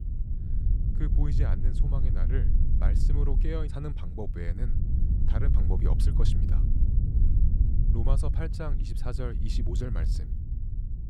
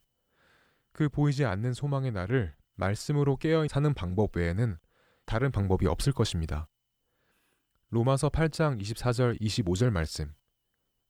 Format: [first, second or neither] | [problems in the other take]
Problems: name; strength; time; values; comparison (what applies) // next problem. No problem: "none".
second | low rumble; loud; throughout; 3 dB below the speech